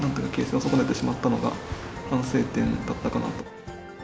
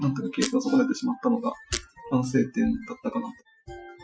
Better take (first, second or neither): first